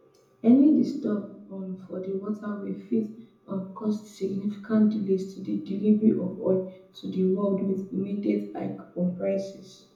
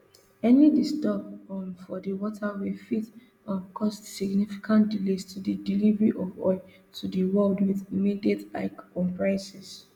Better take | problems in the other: second | room echo; dies away in 0.6 s

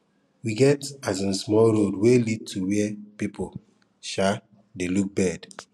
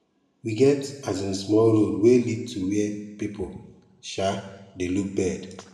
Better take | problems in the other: first | room echo; dies away in 0.9 s

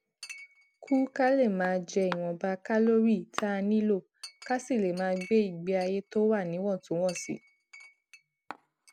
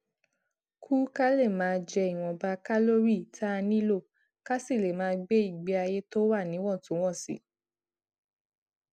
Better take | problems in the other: second | background sound (Chink, clink); 19 dB below the speech

